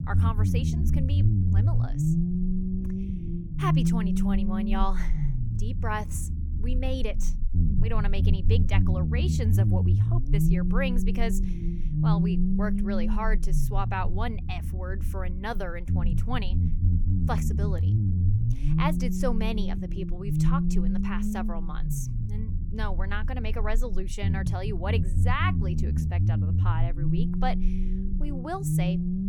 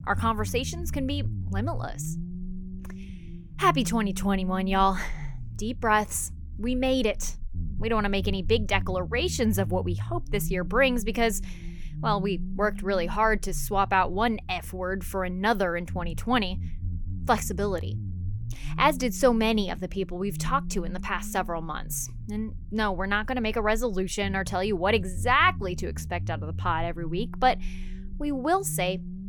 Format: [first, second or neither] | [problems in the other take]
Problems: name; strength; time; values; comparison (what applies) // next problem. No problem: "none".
second | low rumble; loud; throughout; 3 dB below the speech; faint in the second